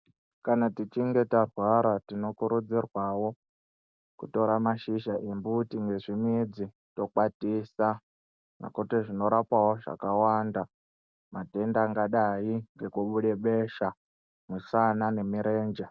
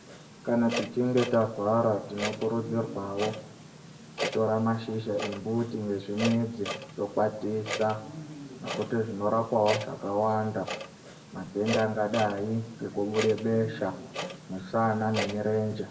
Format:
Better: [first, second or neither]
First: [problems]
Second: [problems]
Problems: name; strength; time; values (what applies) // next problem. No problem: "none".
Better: first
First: none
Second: background sound (Clock); 10 dB below the speech // room echo; dies away in 0.5 s